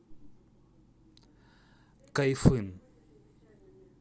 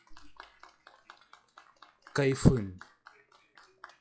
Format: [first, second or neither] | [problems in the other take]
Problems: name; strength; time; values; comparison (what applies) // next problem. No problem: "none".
first | noise reduction (classical method log-MMSE)